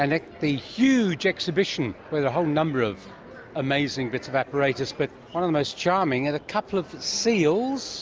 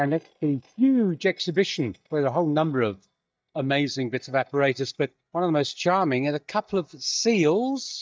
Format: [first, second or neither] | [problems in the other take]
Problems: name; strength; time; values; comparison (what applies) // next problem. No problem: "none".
first | noise reduction (neural mask model DeepFilterNet 3)